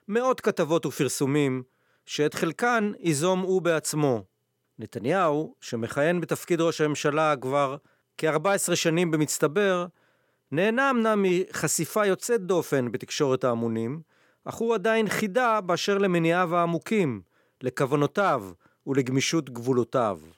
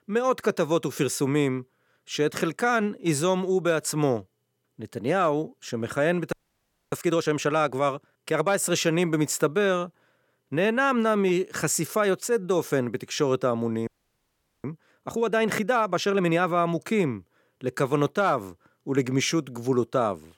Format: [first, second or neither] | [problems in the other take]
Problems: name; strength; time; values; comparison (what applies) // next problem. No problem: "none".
first | audio freezing; at 6.5 s for 0.5 s and at 14 s for 1 s